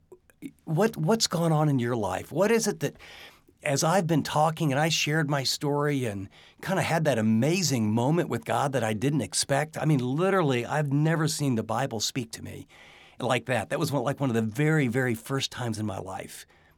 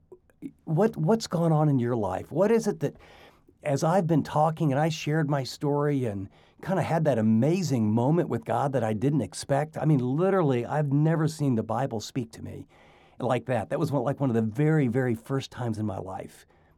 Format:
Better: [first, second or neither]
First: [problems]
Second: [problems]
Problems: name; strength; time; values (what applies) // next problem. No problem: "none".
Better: first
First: none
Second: muffled; slightly; fading above 1.5 kHz